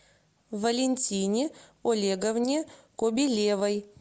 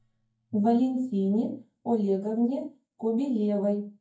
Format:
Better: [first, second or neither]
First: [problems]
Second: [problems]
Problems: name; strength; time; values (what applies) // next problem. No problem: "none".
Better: first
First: none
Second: noise reduction (neural mask model DeepFilterNet 3)